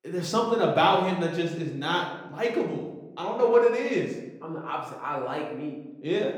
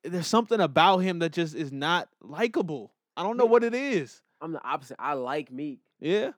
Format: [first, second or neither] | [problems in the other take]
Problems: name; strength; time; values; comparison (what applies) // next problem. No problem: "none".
second | room echo; noticeable; dies away in 0.8 s // off-mic speech; somewhat distant